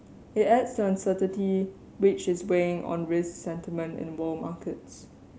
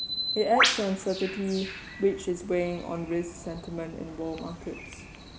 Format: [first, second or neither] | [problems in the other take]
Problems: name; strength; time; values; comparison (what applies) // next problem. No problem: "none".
first | background sound (Bird); 3 dB below the speech